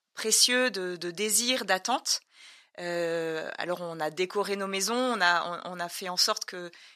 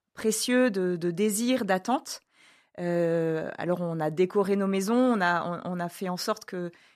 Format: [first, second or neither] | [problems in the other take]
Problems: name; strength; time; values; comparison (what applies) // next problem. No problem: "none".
second | thin; somewhat; fading below 950 Hz